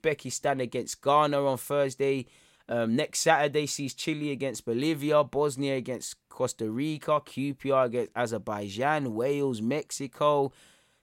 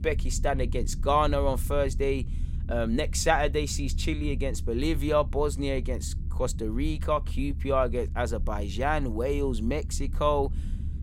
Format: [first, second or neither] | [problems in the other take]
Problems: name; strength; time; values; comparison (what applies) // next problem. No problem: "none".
first | low rumble; faint; throughout; 20 dB below the speech